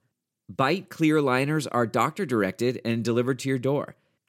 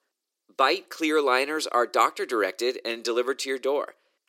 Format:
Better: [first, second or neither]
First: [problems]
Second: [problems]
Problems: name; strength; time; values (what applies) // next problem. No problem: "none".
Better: first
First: none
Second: thin; very; fading below 350 Hz